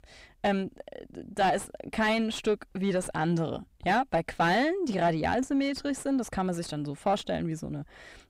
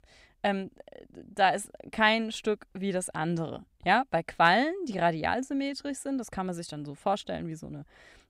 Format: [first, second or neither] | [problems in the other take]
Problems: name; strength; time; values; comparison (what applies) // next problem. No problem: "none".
second | distortion; heavy; 6 dB below the speech